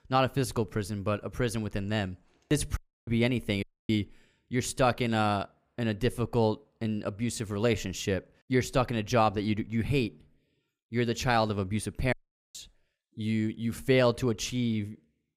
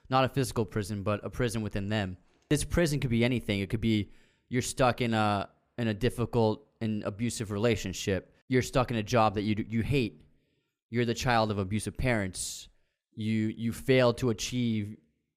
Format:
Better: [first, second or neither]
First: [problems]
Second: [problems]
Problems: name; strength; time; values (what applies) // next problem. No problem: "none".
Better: second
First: audio cutting out; at 3 s, at 3.5 s and at 12 s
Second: none